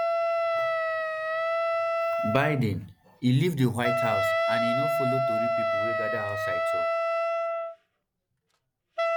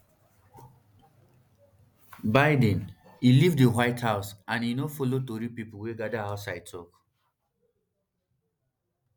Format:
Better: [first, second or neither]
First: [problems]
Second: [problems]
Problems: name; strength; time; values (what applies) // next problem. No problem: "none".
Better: second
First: background sound (Wind instrument, woodwind instrument); 4 dB above the speech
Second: none